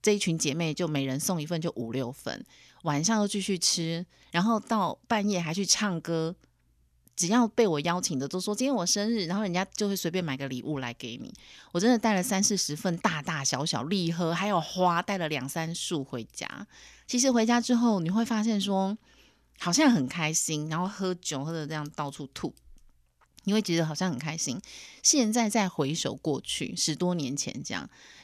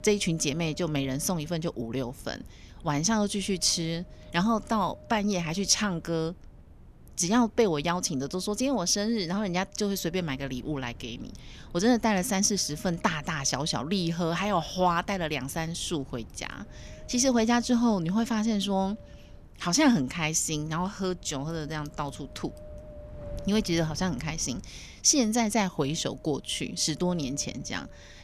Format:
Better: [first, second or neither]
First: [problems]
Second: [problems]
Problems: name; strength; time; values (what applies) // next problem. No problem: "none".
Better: first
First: none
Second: wind noise on the microphone; occasional gusts; 25 dB below the speech